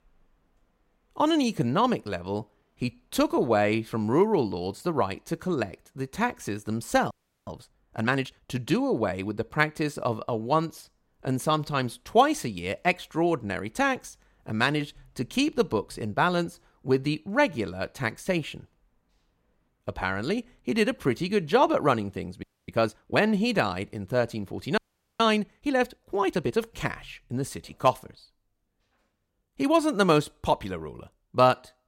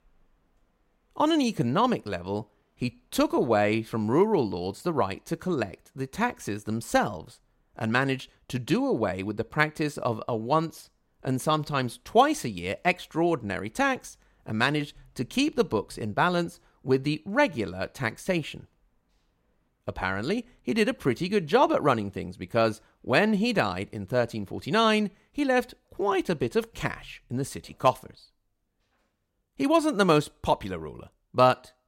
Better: second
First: audio freezing; at 7 s, at 22 s and at 25 s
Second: none

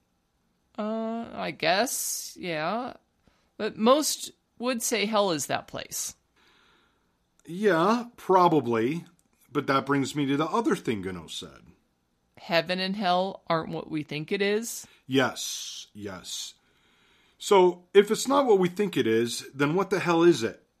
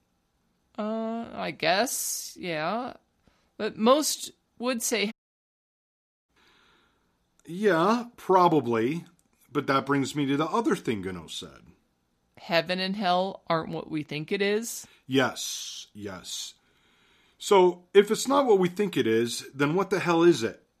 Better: first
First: none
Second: audio cutting out; at 5 s for 1 s

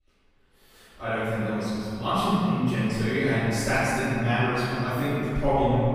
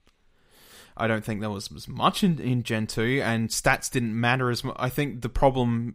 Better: second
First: off-mic speech; far // room echo; strong; dies away in 2.6 s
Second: none

